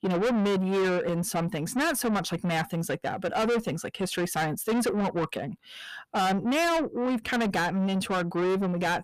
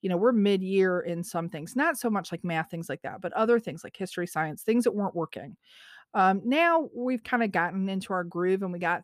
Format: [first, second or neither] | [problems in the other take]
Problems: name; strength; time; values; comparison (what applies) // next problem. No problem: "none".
second | distortion; heavy; 6 dB below the speech